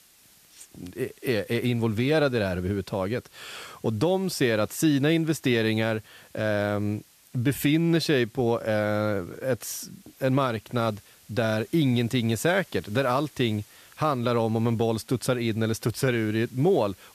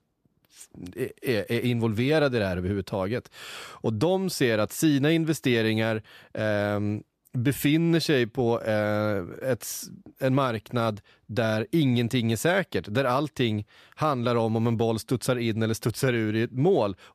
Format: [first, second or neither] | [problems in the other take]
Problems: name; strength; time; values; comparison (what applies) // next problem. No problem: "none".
second | hiss; faint; throughout; 25 dB below the speech